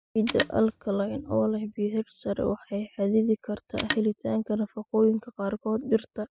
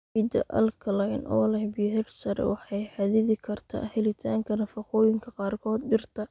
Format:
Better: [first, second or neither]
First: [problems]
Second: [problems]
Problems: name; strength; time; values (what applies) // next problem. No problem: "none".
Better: second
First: noise reduction (classical method spectral subtraction)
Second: none